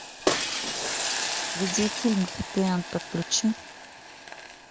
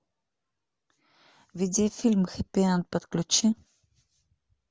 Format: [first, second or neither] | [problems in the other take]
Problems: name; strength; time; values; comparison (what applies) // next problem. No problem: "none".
second | background sound (Shatter + Hiss); 2 dB below the speech